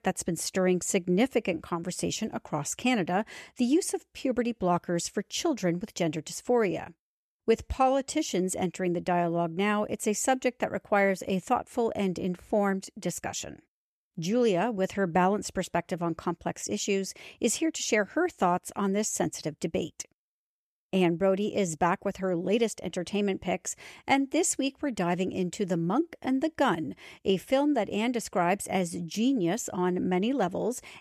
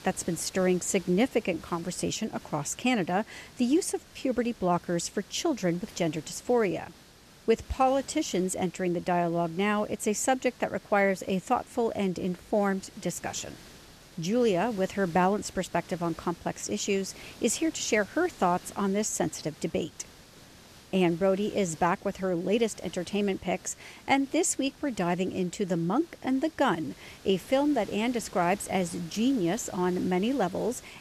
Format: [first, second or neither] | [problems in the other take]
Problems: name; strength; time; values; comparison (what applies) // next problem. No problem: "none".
first | hiss; faint; throughout; 20 dB below the speech